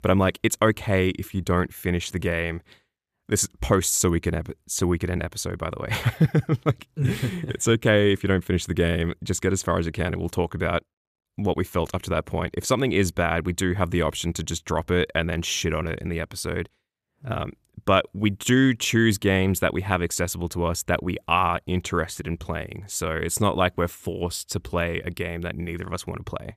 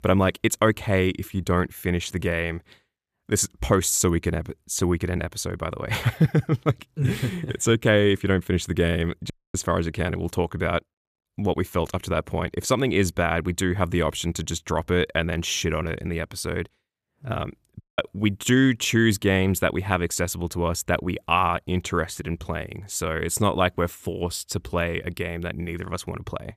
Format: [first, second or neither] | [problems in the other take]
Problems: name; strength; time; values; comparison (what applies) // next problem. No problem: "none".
first | audio cutting out; at 9.5 s and at 18 s